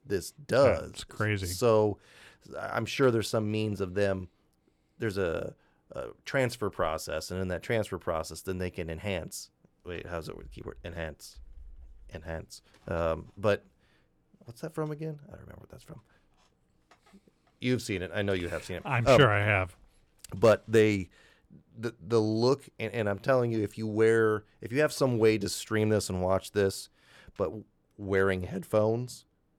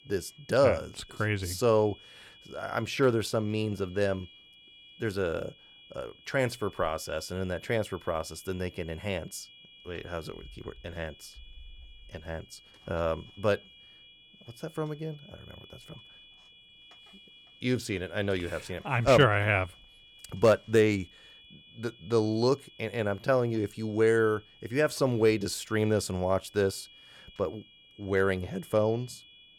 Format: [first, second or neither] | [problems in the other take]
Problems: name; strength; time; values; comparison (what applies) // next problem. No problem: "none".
first | high-pitched whine; faint; throughout; 3.5 kHz, 25 dB below the speech